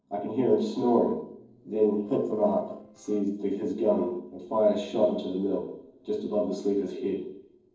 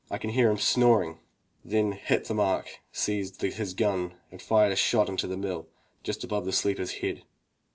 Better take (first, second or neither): second